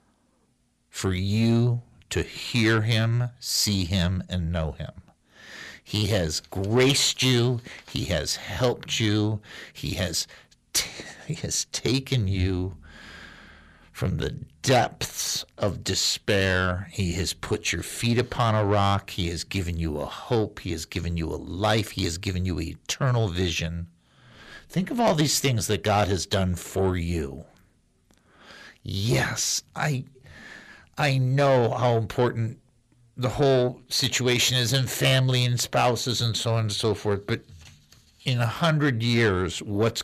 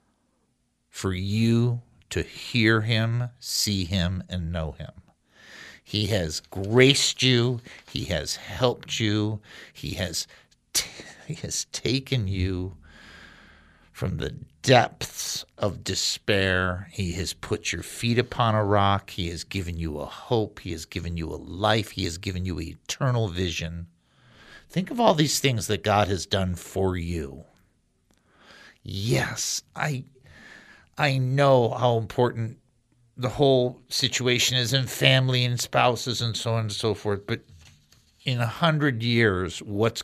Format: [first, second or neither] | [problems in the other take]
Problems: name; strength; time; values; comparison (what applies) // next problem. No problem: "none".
second | distortion; slight; 10 dB below the speech